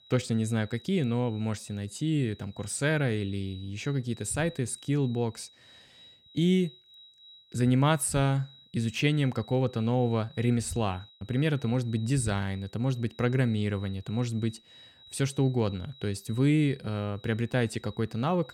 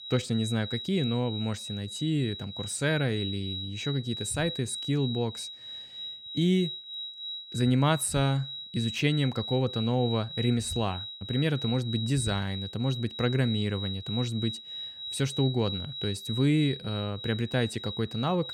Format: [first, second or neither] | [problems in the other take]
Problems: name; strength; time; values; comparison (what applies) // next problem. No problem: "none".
first | high-pitched whine; loud; throughout; 4 kHz, 7 dB below the speech; faint in the first